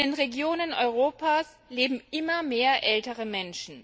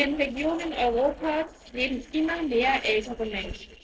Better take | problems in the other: first | noise reduction (neural separator model SepFormer DNS4)

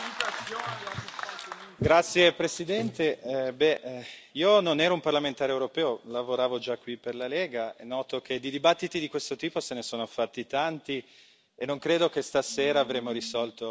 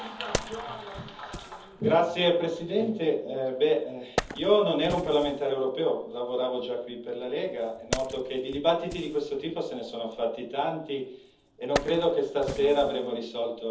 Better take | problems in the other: first | background sound (Wood); 12 dB below the speech // room echo; dies away in 0.7 s

